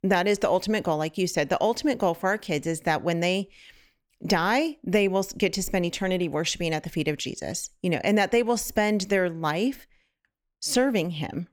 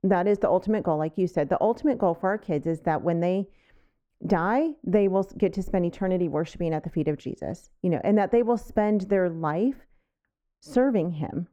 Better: first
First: none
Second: muffled; very; fading above 1.5 kHz

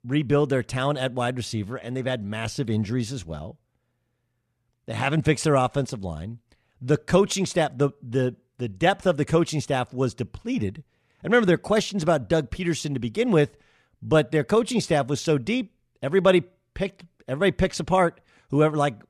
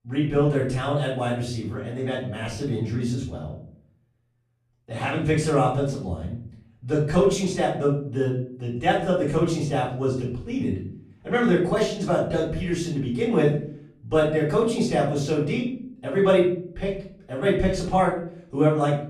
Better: first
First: none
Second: off-mic speech; far // room echo; noticeable; dies away in 0.5 s

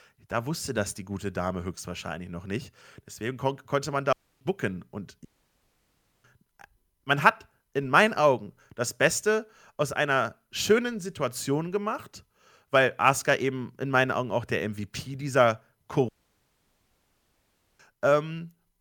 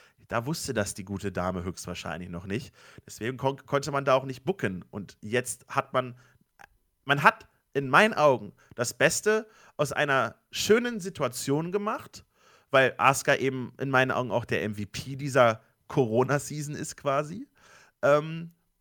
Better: second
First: audio cutting out; at 4 s, at 5.5 s for 1 s and at 16 s for 1.5 s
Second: none

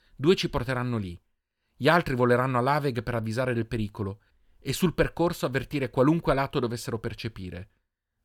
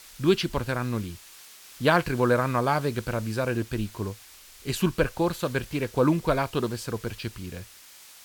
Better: first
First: none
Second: hiss; noticeable; throughout; 20 dB below the speech

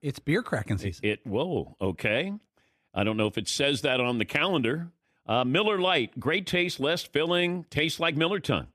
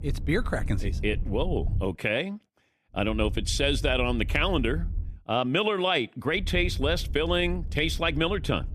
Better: first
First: none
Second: low rumble; faint; until 2 s, from 3 to 5 s and from 6.5 s on; 25 dB below the speech

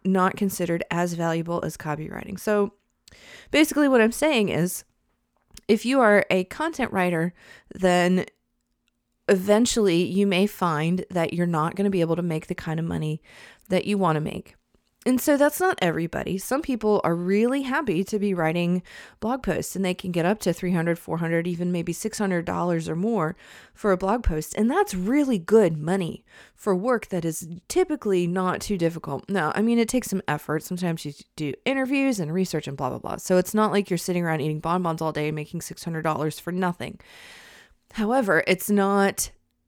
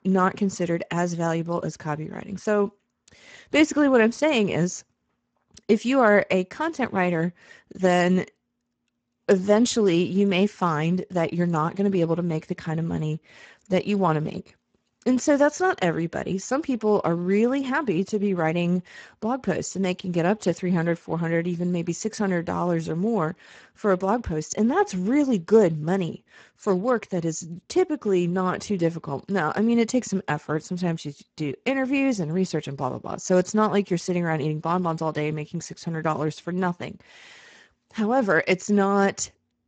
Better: first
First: none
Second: garbled, watery; badly; nothing above 7.5 kHz

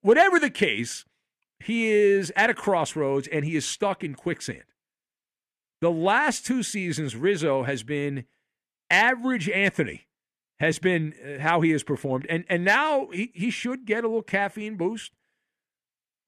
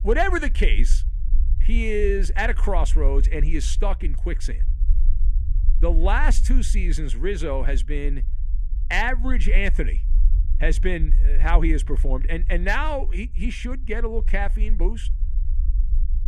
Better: first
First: none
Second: low rumble; faint; throughout; 20 dB below the speech

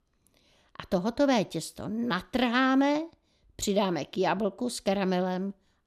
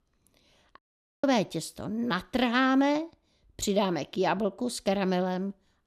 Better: first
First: none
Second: audio cutting out; at 1 s

